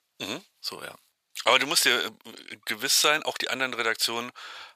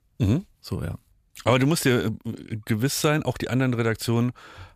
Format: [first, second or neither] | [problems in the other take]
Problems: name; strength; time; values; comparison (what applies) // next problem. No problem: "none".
second | thin; very; fading below 700 Hz